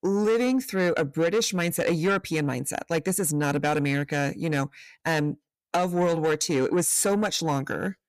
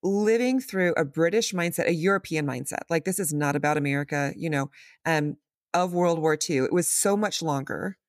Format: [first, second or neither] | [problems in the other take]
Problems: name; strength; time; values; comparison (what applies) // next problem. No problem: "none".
second | distortion; slight; 10 dB below the speech